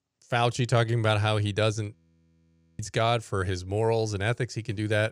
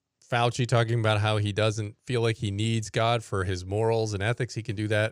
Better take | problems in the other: second | audio freezing; at 2 s for 1 s

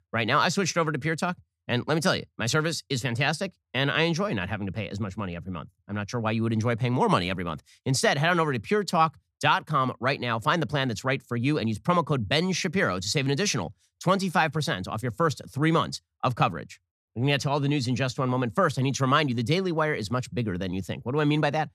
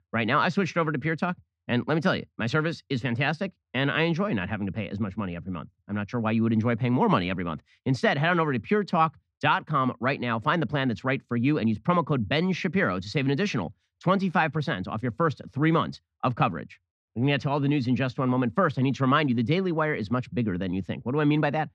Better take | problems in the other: first | muffled; slightly; fading above 2.5 kHz

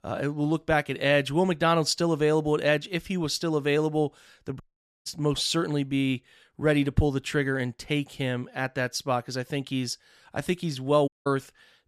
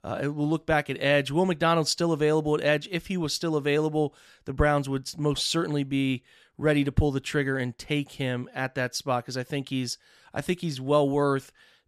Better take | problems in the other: second | audio cutting out; at 4.5 s and at 11 s

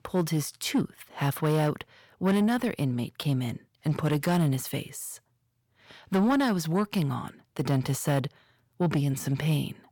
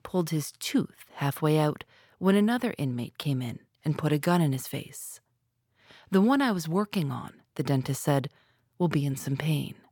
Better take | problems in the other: second | distortion; slight; 10 dB below the speech

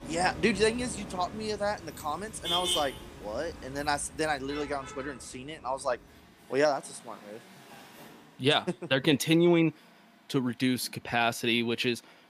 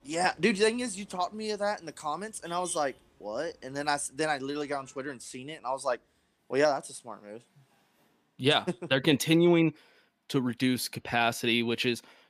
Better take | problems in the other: second | traffic noise; loud; throughout; 9 dB below the speech; faint in the second

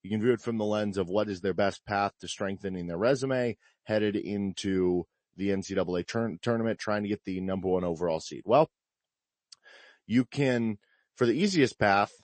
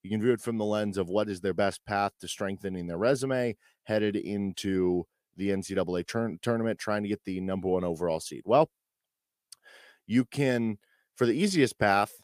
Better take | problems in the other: second | garbled, watery; slightly; nothing above 8 kHz

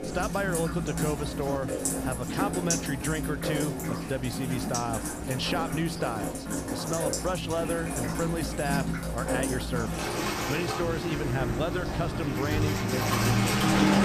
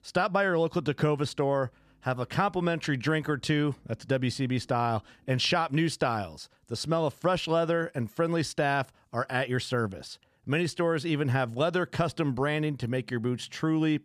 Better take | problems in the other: second | rain or running water; very loud; throughout; 2 dB above the speech

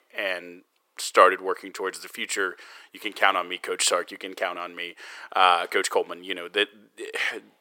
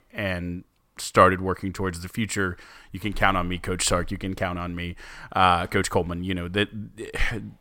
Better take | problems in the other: second | thin; very; fading below 400 Hz

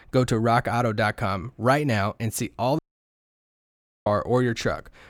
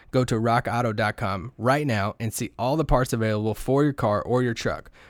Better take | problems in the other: second | audio cutting out; at 3 s for 1.5 s

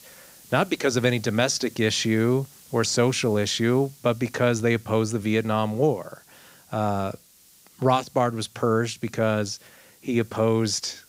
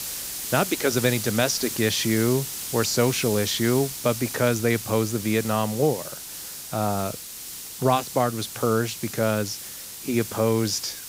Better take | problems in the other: first | hiss; loud; throughout; 7 dB below the speech; faint in the first

